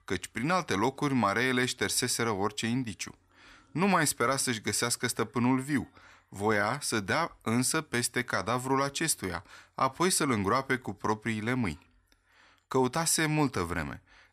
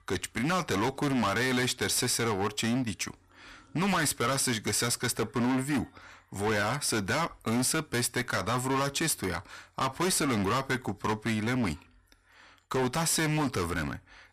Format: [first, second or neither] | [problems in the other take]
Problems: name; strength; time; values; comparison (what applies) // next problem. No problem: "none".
first | distortion; heavy; 19% of the sound clipped